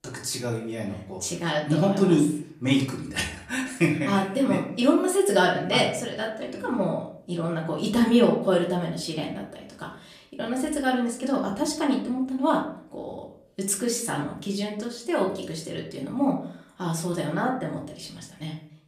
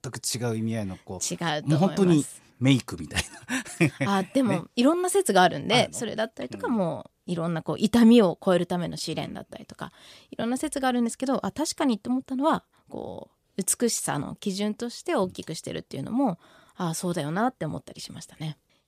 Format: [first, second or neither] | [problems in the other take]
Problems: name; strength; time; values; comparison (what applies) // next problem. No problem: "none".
second | off-mic speech; far // room echo; slight; dies away in 0.5 s